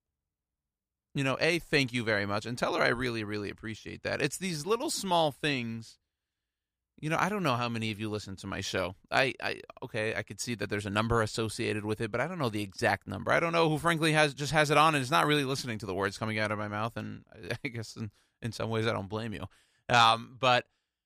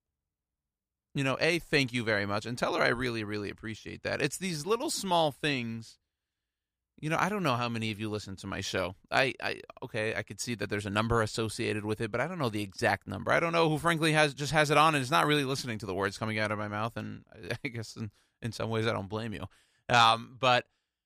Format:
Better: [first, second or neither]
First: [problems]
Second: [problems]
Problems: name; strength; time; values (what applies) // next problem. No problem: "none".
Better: neither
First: none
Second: none